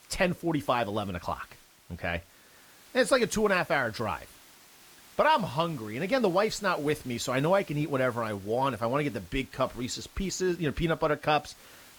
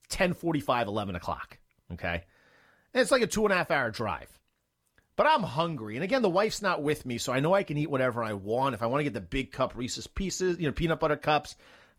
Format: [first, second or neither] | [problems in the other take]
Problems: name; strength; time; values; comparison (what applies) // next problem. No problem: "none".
second | hiss; faint; throughout; 25 dB below the speech